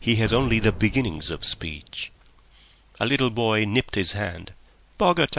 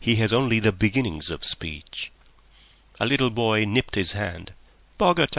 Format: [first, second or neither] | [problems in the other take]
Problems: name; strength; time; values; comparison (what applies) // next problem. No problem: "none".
second | background sound (Boom); 11 dB below the speech